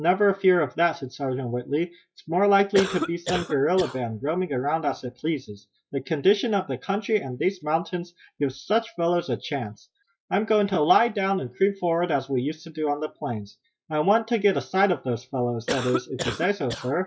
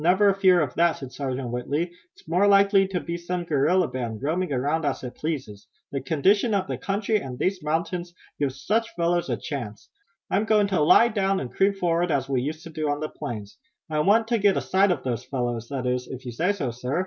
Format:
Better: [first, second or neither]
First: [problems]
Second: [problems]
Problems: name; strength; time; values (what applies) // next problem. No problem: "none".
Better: second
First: noise reduction (classical method log-MMSE)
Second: none